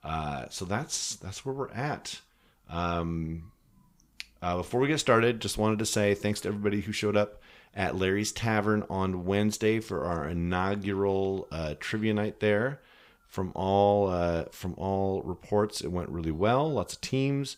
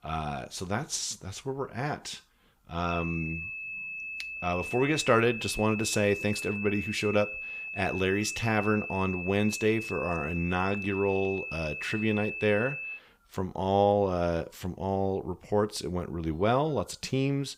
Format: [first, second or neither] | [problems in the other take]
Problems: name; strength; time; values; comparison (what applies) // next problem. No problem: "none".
first | high-pitched whine; loud; from 3 to 13 s; 2.5 kHz, 6 dB below the speech